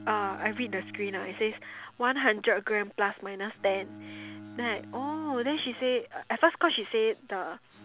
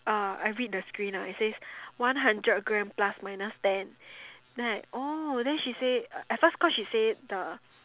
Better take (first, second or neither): second